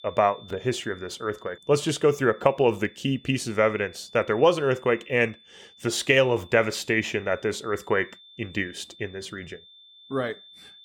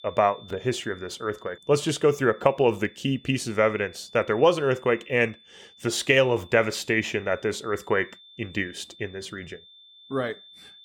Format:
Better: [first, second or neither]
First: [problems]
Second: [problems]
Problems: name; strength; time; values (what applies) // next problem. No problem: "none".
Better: neither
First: high-pitched whine; faint; throughout; 3.5 kHz, 25 dB below the speech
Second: high-pitched whine; faint; throughout; 3.5 kHz, 25 dB below the speech